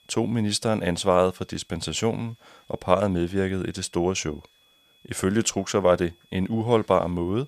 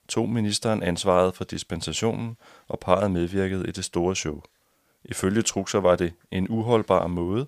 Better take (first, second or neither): second